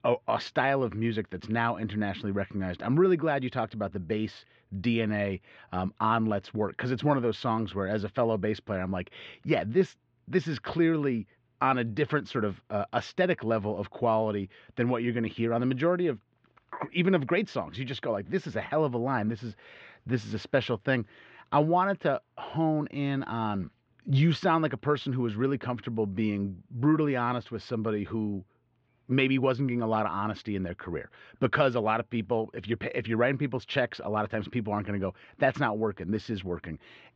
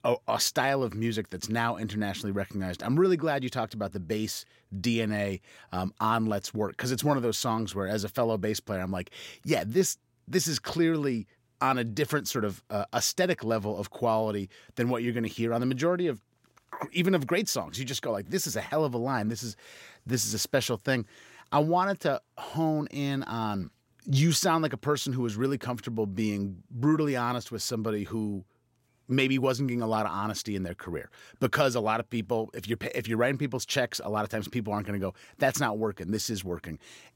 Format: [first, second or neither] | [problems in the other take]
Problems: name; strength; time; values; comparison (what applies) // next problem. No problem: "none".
second | muffled; very; fading above 3 kHz